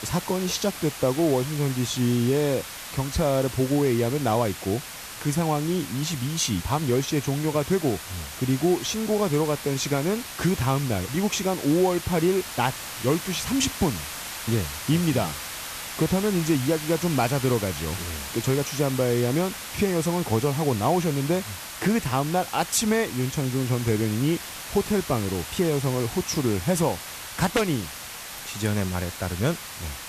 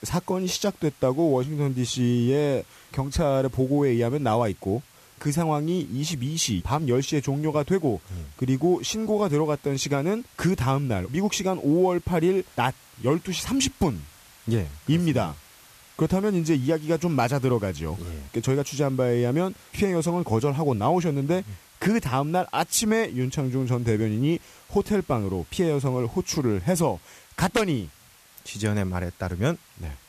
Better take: second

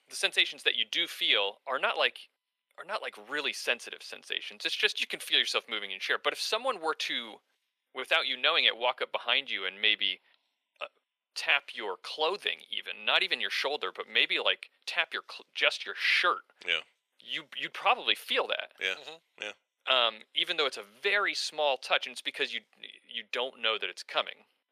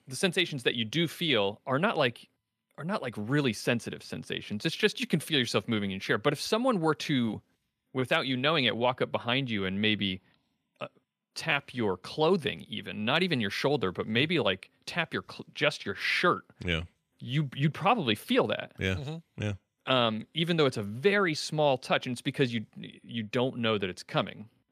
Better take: second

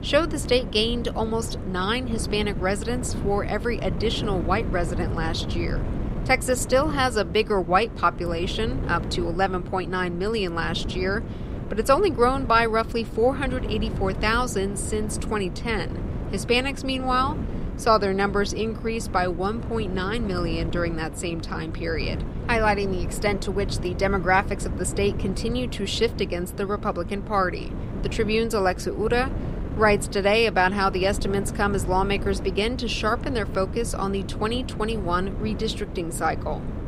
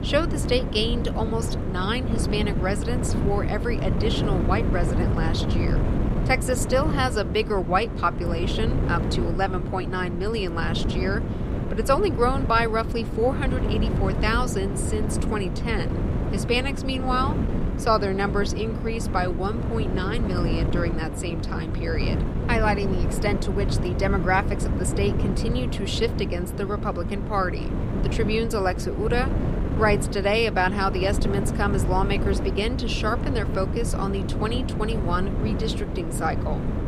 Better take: first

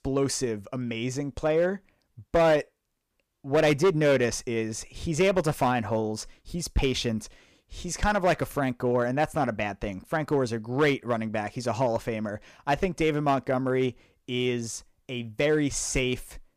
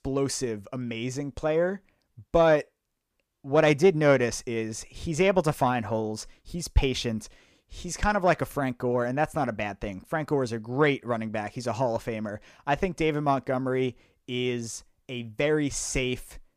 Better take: second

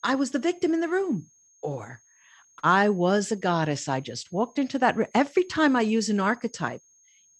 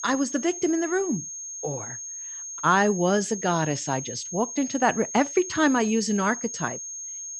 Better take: first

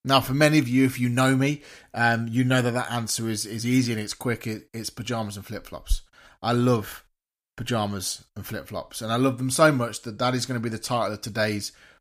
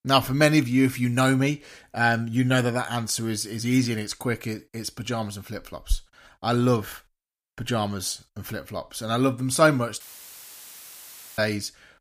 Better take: first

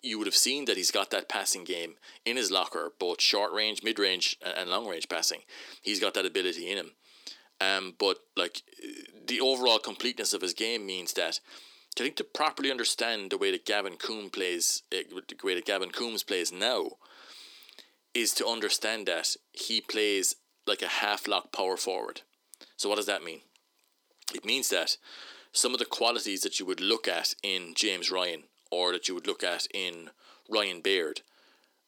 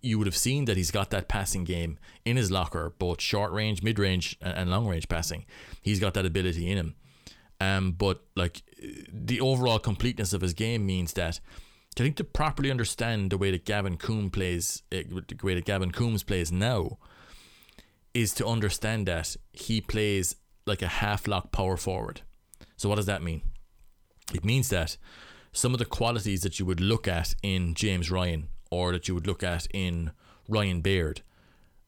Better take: second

